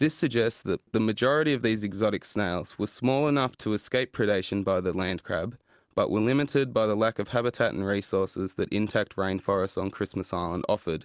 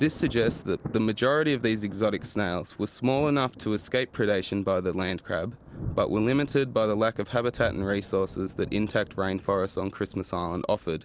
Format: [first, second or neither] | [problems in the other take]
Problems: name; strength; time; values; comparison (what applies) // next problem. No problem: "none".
first | background sound (Thunder); 16 dB below the speech